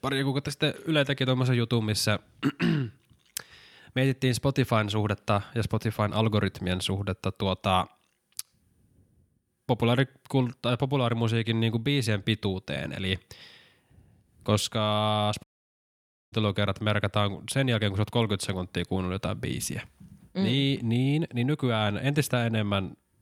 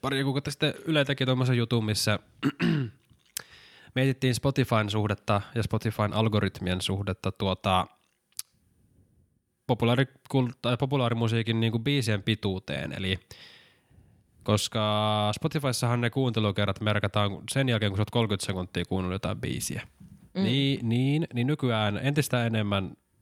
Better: second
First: audio cutting out; at 15 s for 1 s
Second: none

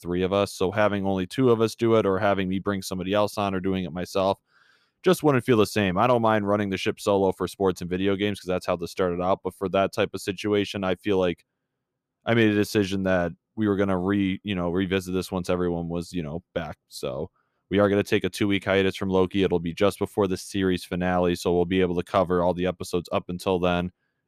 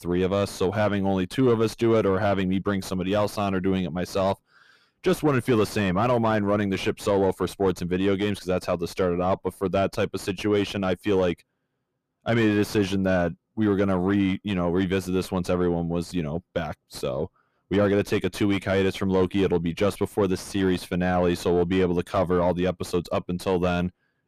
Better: first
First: none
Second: distortion; slight; 10 dB below the speech

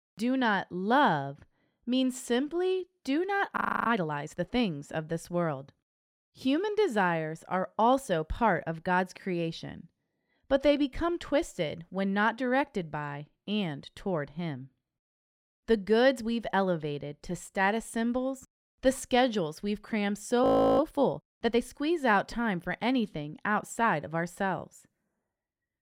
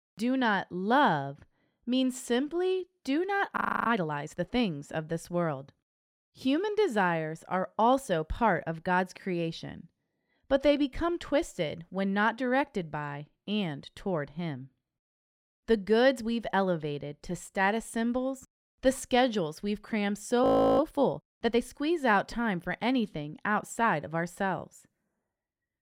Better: neither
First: audio freezing; at 3.5 s and at 20 s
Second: audio freezing; at 3.5 s and at 20 s

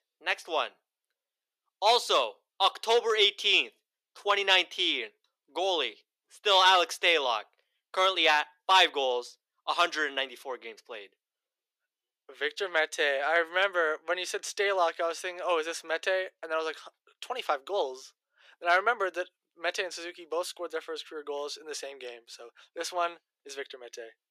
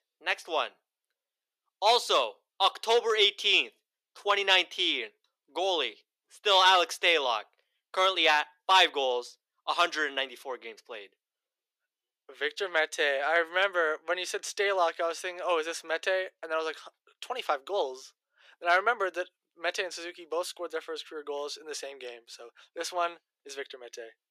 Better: neither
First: thin; very; fading below 350 Hz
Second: thin; very; fading below 350 Hz

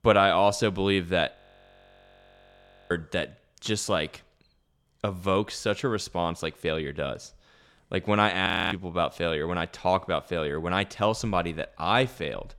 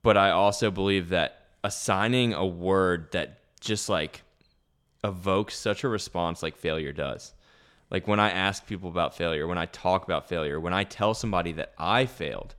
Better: second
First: audio freezing; at 1.5 s for 1.5 s and at 8.5 s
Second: none

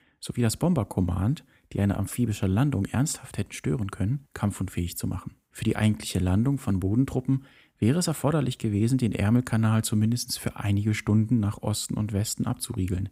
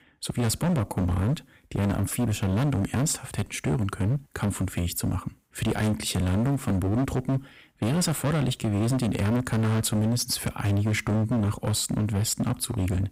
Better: first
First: none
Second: distortion; heavy; 23% of the sound clipped

